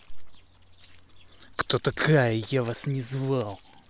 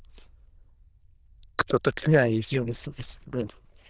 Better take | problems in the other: first | noise reduction (neural diffusion model UNIVERSE++)

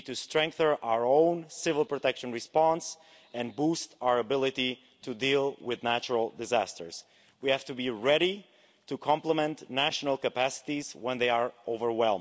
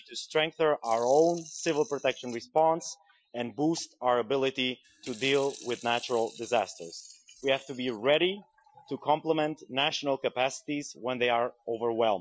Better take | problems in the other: first | noise reduction (classical method Wiener filter)

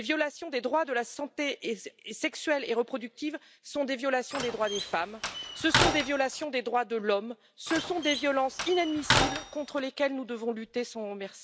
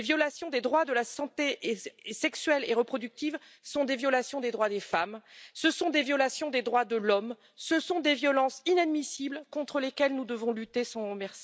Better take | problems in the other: second | background sound (Slam); 1 dB below the speech

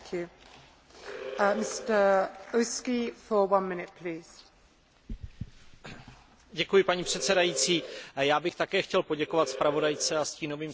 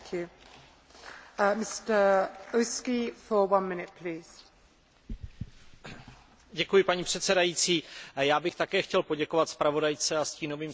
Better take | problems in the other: second | background sound (Animal); 10 dB below the speech

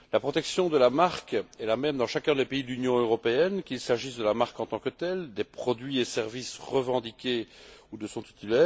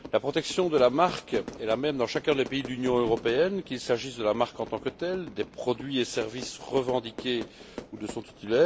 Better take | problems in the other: first | background sound (Fire / Fireworks); 15 dB below the speech

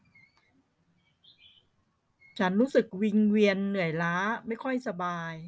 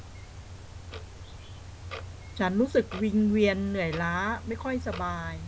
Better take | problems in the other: first | background sound (Clock); 11 dB below the speech

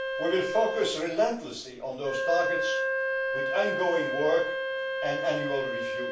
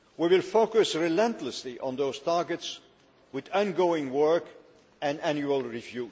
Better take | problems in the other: second | background sound (Wind instrument, woodwind instrument); 1 dB below the speech // room echo; dies away in 0.3 s

